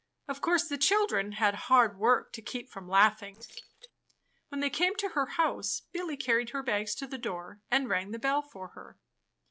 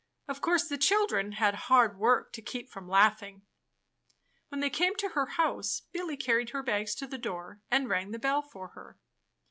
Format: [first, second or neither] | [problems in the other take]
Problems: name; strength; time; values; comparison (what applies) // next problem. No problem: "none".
second | noise reduction (neural separator model SepFormer DNS4)